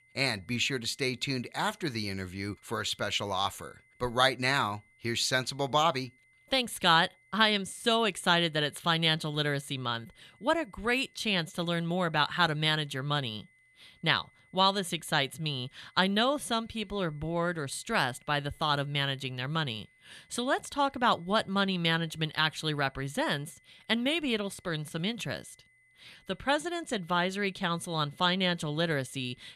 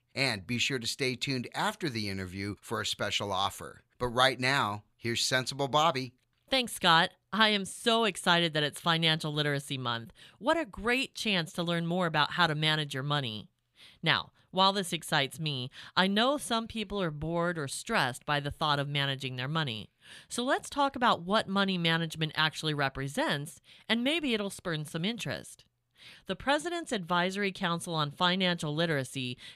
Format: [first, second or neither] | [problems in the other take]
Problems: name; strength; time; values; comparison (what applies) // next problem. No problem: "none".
second | high-pitched whine; faint; throughout; 2 kHz, 35 dB below the speech